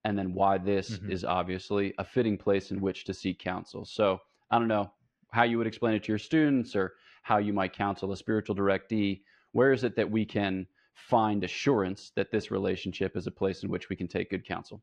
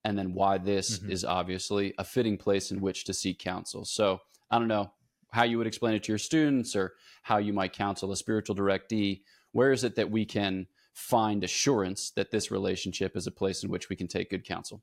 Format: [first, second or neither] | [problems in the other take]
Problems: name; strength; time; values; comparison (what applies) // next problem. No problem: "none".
second | muffled; slightly; fading above 2.5 kHz